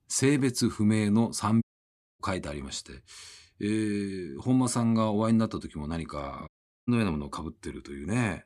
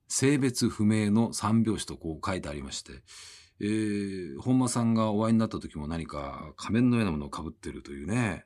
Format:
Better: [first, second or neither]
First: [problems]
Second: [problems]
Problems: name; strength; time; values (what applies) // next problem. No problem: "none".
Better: second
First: audio cutting out; at 1.5 s for 0.5 s and at 6.5 s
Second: none